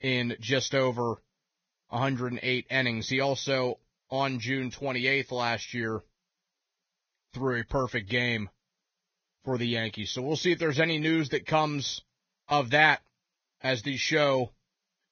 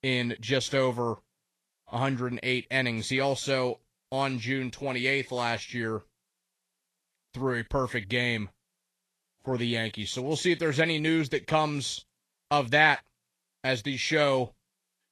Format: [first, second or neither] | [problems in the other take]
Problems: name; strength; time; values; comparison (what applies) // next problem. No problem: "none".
second | garbled, watery; badly; nothing above 6 kHz; slightly in the second